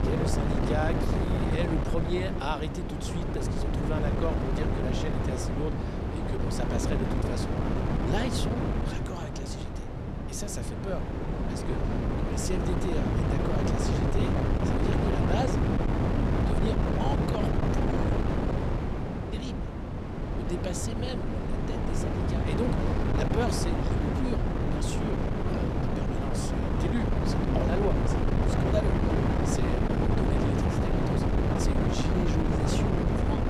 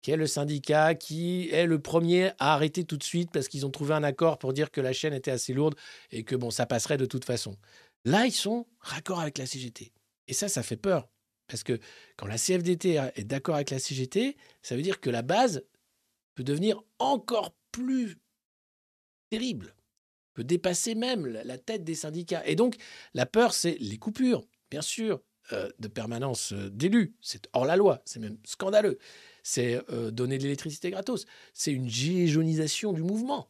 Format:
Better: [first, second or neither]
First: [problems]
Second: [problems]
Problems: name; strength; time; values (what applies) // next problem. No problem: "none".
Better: second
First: wind noise on the microphone; heavy; 4 dB above the speech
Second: none